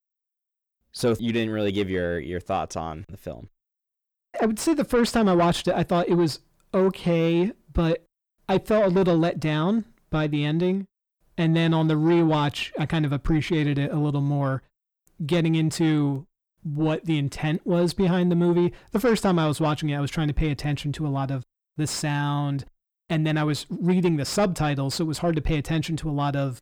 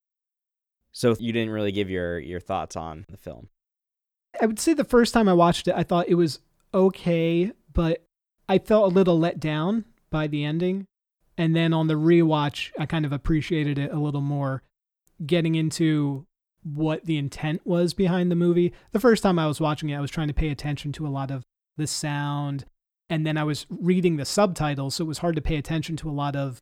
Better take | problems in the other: second | distortion; slight; 10 dB below the speech

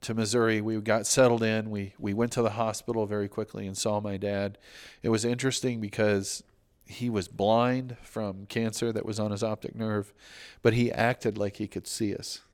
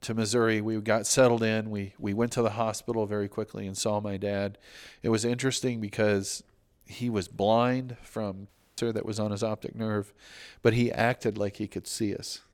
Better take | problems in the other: first | audio cutting out; at 8.5 s

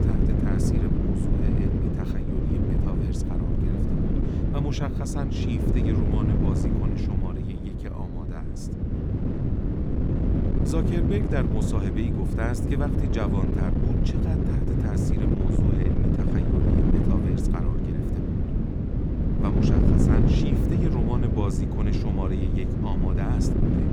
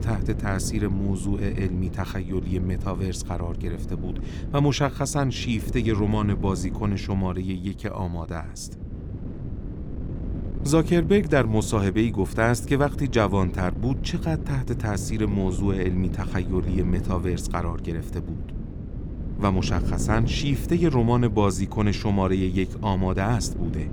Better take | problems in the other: second | wind noise on the microphone; heavy; 4 dB above the speech; occasional gusts in the second

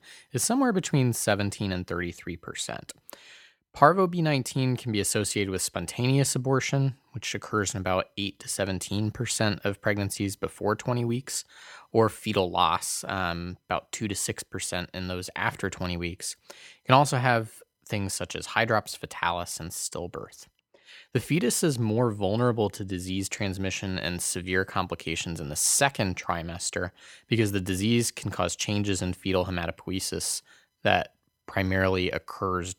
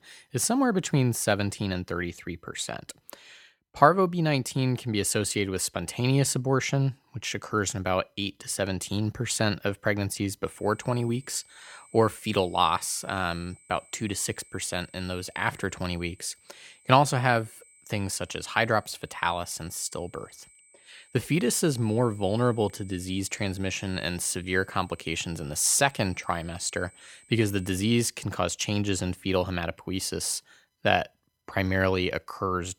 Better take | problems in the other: first | high-pitched whine; faint; from 10 to 28 s; 8.5 kHz, 25 dB below the speech

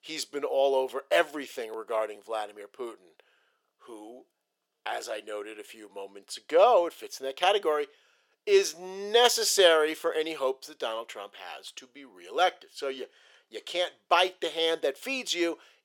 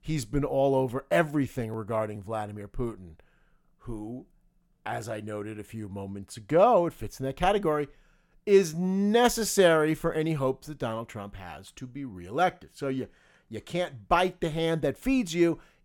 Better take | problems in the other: second | thin; very; fading below 400 Hz

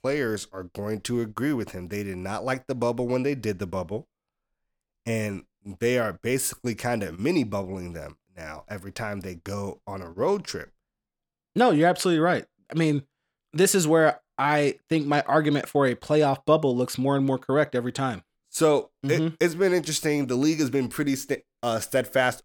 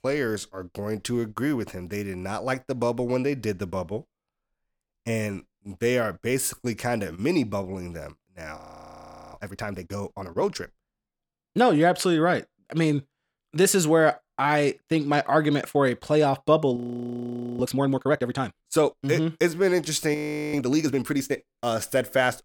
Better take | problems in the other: first | audio freezing; at 8.5 s for 1 s, at 17 s for 1 s and at 20 s

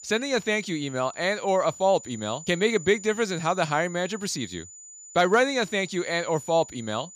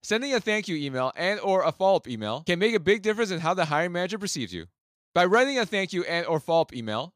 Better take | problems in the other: second | high-pitched whine; noticeable; throughout; 7 kHz, 15 dB below the speech

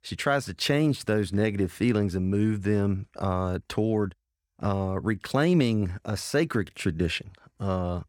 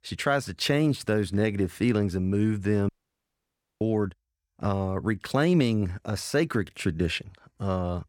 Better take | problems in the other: first | audio cutting out; at 3 s for 1 s

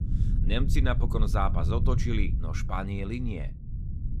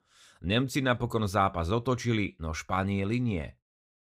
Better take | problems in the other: second | low rumble; noticeable; throughout; 10 dB below the speech

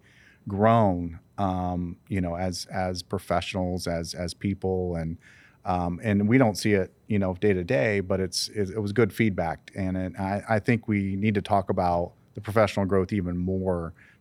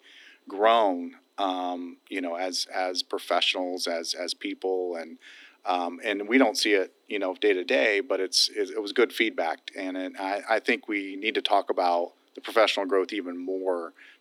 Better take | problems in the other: first | thin; somewhat; fading below 250 Hz

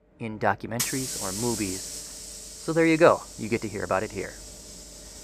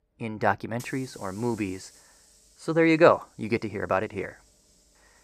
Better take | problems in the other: second | hiss; loud; throughout; 8 dB below the speech; faint in the second

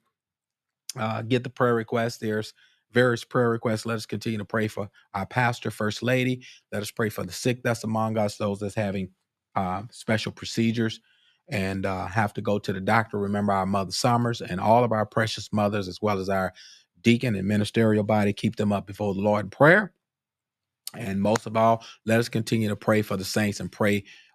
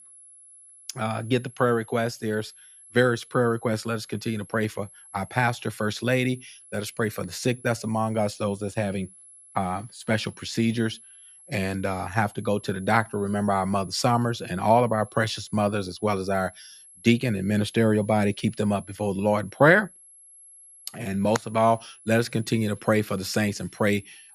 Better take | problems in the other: first | high-pitched whine; faint; throughout; 11 kHz, 20 dB below the speech

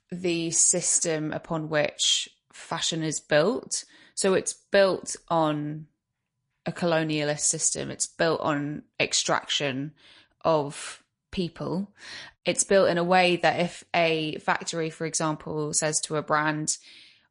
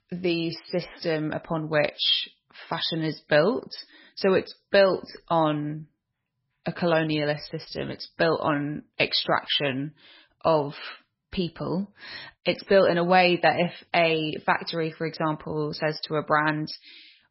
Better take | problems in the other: first | garbled, watery; badly; nothing above 5.5 kHz; slightly in the first

